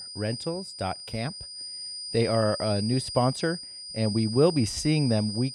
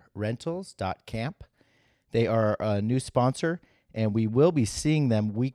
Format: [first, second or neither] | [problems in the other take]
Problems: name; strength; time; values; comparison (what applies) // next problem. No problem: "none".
second | high-pitched whine; loud; throughout; 5 kHz, 8 dB below the speech